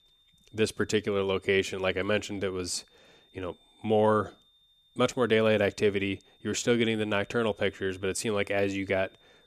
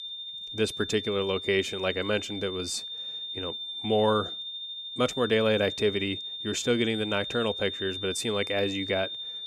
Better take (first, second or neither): first